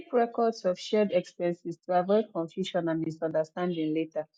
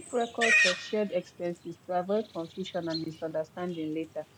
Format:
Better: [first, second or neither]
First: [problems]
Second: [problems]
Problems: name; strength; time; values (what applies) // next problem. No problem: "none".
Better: first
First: none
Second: background sound (Livestock, farm animals, working animals); 1 dB below the speech